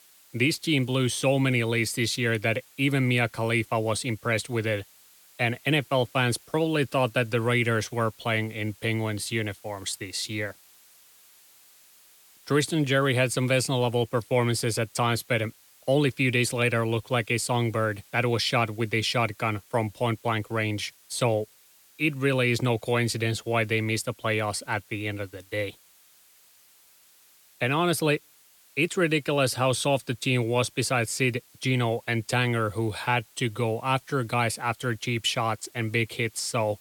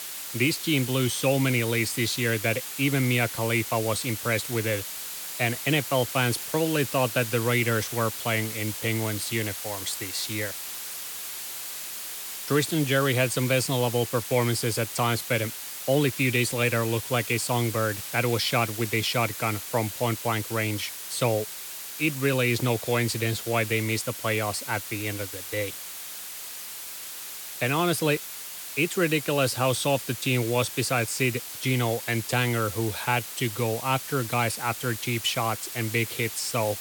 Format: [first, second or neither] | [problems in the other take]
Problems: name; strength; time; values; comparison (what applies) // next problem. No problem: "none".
first | hiss; loud; throughout; 7 dB below the speech; faint in the first